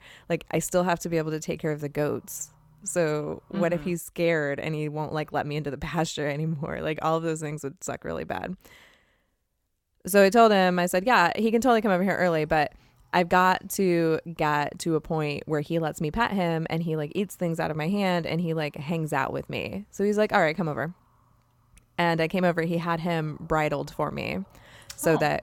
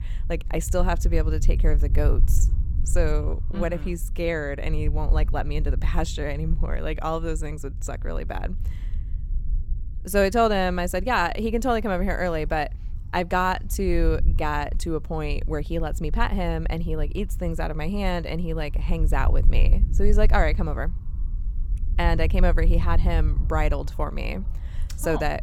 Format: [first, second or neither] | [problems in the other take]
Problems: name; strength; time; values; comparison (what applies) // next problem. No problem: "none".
first | low rumble; faint; throughout; 20 dB below the speech